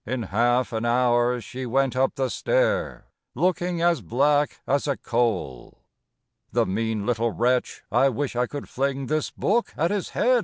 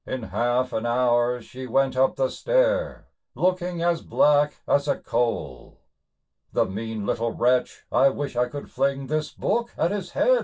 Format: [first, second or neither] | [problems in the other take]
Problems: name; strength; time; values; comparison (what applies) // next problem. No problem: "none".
first | room echo; dies away in 0.1 s